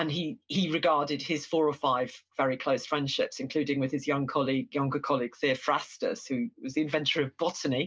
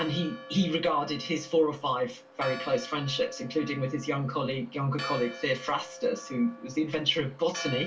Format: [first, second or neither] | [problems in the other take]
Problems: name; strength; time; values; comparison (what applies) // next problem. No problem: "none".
first | background sound (Church bell); 14 dB below the speech // room echo; dies away in 0.2 s